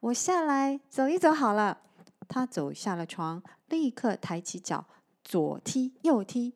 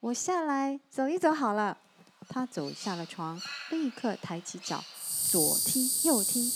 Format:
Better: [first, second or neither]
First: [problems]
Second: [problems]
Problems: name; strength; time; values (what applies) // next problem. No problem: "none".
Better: first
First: none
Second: animal sounds; very loud; throughout; 4 dB above the speech